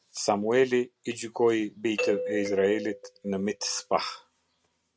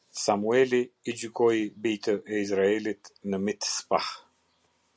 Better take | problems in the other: second | noise reduction (neural mask model RNNoise)

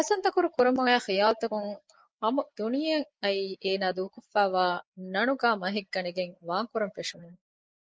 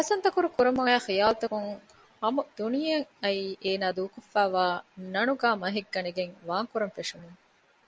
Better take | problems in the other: second | noise reduction (neural mask model Resemble Enhance denoiser)

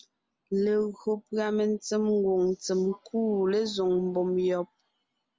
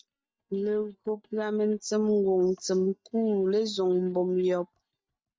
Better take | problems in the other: first | noise reduction (neural mask model DeepFilterNet 3)

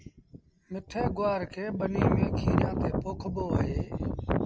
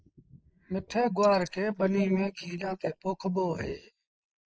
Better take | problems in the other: first | noise reduction (neural mask model Resemble Enhance denoiser)

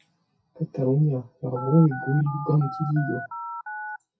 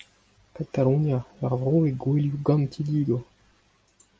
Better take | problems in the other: second | noise reduction (classical method WPE with log-MMSE)

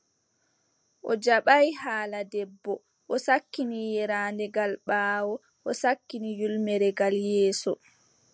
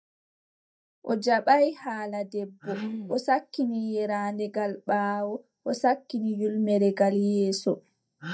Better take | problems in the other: first | noise reduction (neural mask model DeepFilterNet 3)

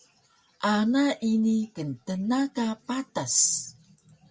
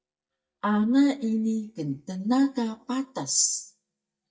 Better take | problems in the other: first | noise reduction (neural mask model DeepFilterNet 3)

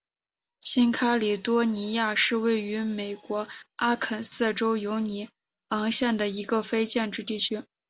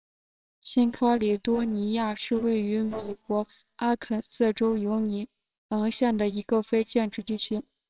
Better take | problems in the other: first | noise reduction (neural separator model SepFormer WHAMR!)

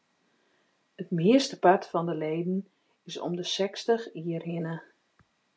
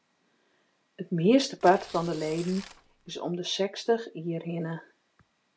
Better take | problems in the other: first | background sound (Tearing); 18 dB below the speech

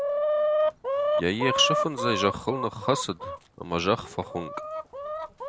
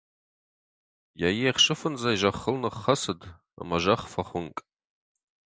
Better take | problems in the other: second | background sound (Chicken, rooster); 1 dB above the speech

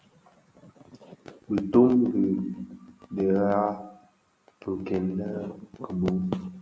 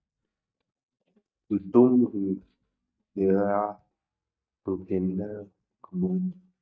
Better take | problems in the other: first | noise reduction (neural mask model DeepFilterNet 3)

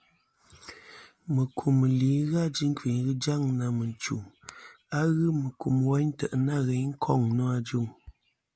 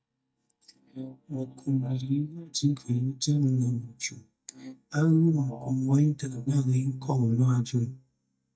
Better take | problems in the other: first | noise reduction (neural mask model DeepFilterNet 3)

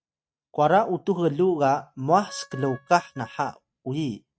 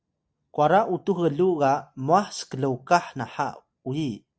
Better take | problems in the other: second | noise reduction (neural mask model RNNoise)

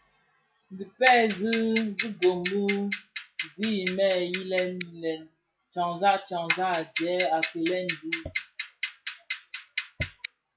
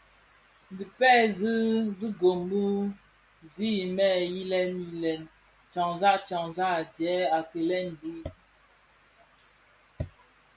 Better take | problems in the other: second | noise reduction (classical method log-MMSE)

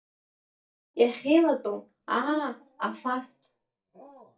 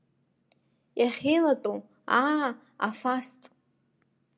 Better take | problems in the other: second | noise reduction (neural mask model DeepFilterNet 3)

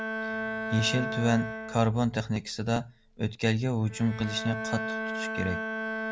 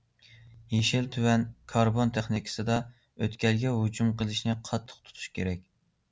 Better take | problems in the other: second | background sound (Bowed string instrument); 6 dB below the speech

